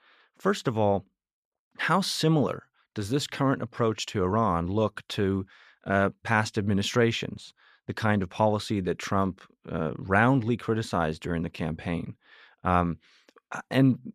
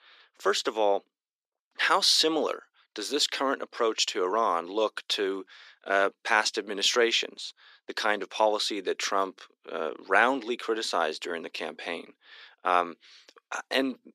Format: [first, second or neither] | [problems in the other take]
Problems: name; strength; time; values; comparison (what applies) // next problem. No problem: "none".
first | thin; somewhat; fading below 300 Hz